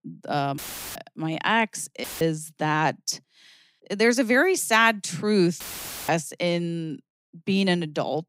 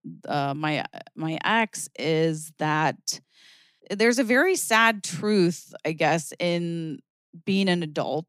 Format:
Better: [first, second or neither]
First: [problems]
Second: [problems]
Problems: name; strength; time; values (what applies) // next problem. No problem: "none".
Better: second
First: audio cutting out; filled with static; at 0.5 s, at 2 s and at 5.5 s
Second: none